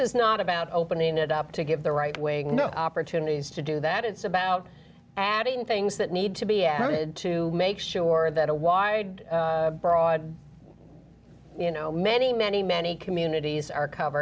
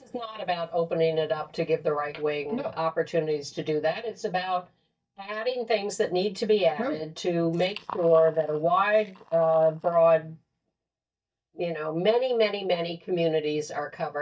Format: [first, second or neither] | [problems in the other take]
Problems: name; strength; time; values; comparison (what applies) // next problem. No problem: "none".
first | noise reduction (neural mask model DeepFilterNet 3)